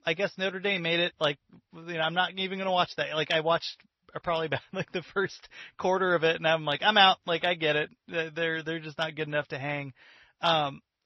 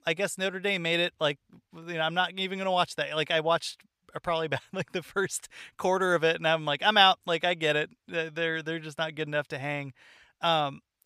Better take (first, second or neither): second